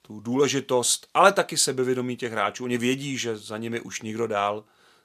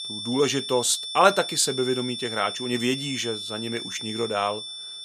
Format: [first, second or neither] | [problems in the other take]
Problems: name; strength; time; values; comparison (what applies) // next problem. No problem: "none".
first | high-pitched whine; loud; throughout; 3.5 kHz, 6 dB below the speech